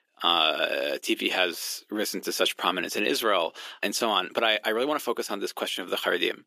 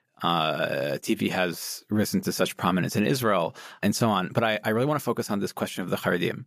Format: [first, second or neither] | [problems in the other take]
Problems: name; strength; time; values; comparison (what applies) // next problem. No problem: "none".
second | thin; somewhat; fading below 300 Hz